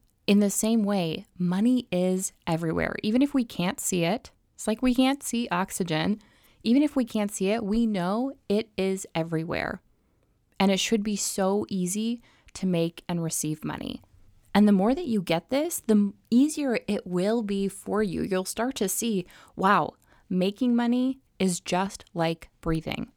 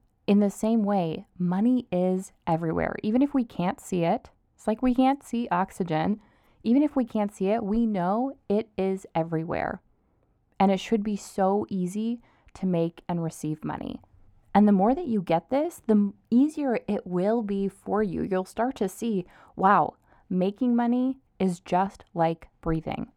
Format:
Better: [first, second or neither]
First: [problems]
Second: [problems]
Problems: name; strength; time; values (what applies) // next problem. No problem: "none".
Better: first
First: none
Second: muffled; very; fading above 2.5 kHz